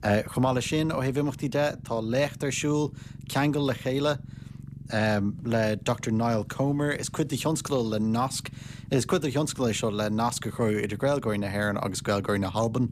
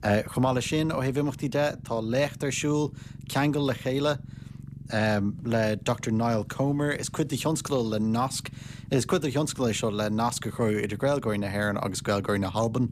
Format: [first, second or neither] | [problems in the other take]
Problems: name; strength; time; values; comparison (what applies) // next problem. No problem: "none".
neither | low rumble; faint; throughout; 25 dB below the speech; the same in both